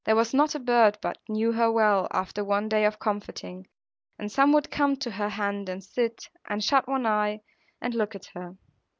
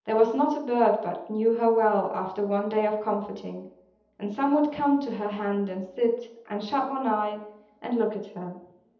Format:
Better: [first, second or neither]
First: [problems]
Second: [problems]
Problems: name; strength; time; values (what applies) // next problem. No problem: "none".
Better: first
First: none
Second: room echo; dies away in 0.8 s